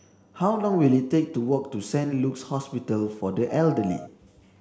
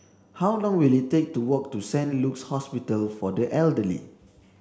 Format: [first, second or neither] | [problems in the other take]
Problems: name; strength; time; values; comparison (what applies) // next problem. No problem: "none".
second | background sound (Piano); 11 dB below the speech